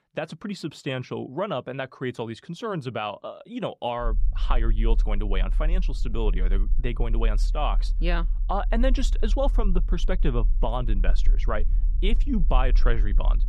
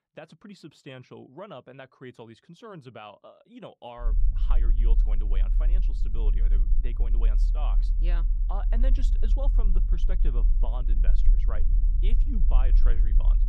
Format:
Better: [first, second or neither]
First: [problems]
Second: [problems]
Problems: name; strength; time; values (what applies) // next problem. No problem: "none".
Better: first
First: low rumble; faint; from 4 s on; 20 dB below the speech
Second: low rumble; loud; from 4 s on; 8 dB below the speech